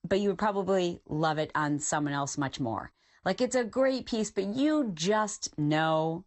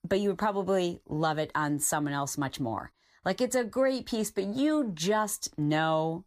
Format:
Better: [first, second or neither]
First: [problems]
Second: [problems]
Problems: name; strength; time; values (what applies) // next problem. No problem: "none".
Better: second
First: garbled, watery; slightly; nothing above 8 kHz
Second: none